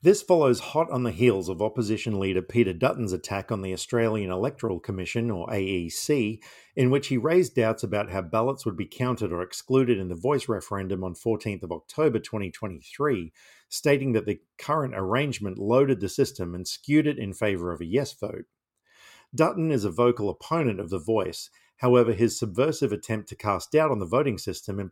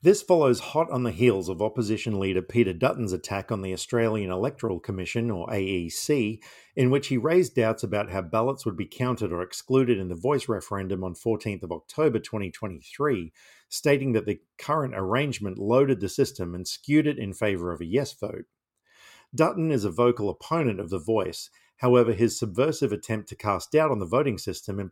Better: neither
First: none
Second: none

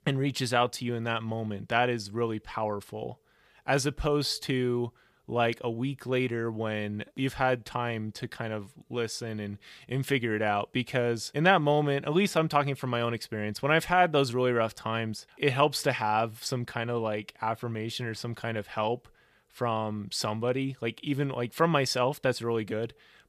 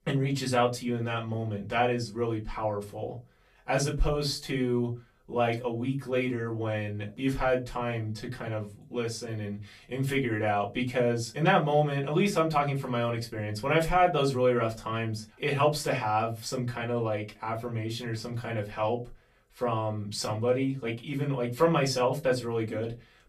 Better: first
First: none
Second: off-mic speech; far // room echo; very slight; dies away in 0.2 s

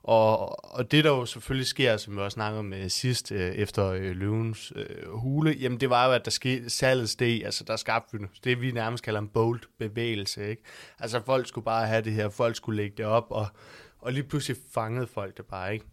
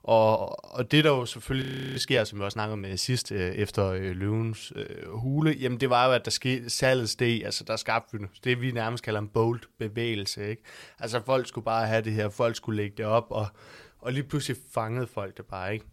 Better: first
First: none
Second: audio freezing; at 1.5 s

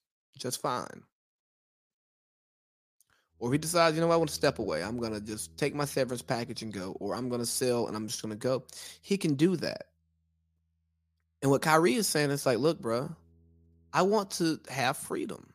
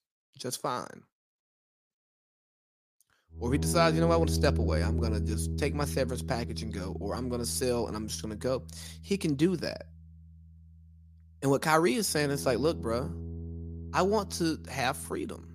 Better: first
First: background music; faint; from 3.5 s on; 30 dB below the speech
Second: background music; loud; from 3.5 s on; 6 dB below the speech

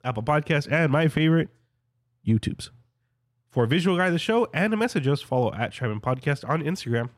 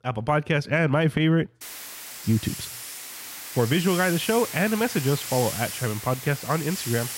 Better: first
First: none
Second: hiss; loud; from 1.5 s on; 8 dB below the speech

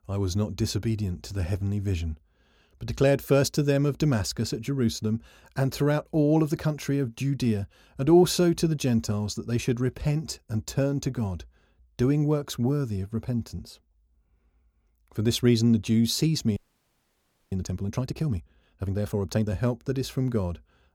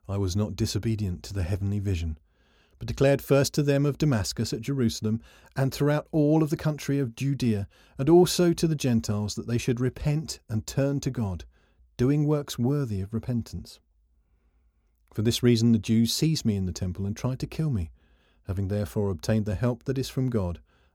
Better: second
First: audio freezing; at 17 s for 1 s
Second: none

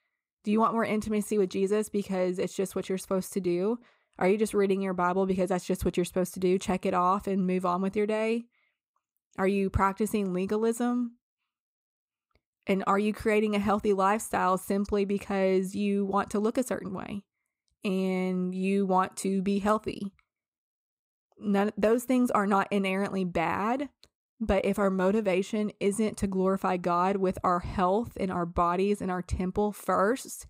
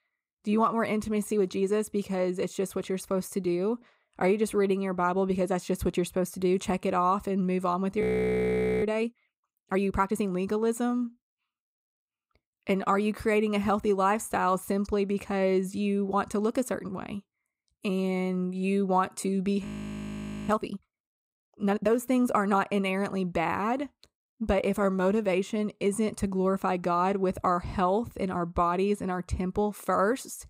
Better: first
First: none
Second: audio freezing; at 8 s for 1 s and at 20 s for 1 s

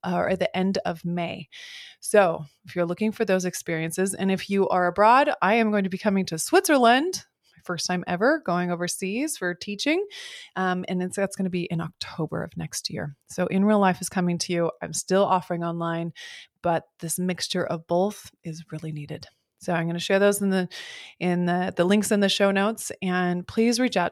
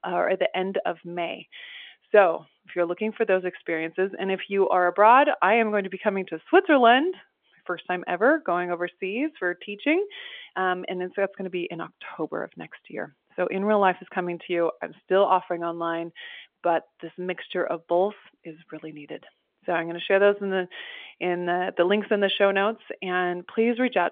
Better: first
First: none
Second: phone-call audio; nothing above 3.5 kHz

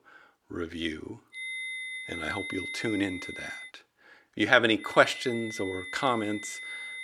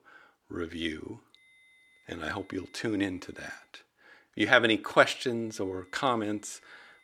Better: second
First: high-pitched whine; loud; from 1.5 to 3.5 s and from 5 s on; 2 kHz, 9 dB below the speech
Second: high-pitched whine; faint; from 1.5 to 3.5 s and from 5 s on; 2 kHz, 35 dB below the speech

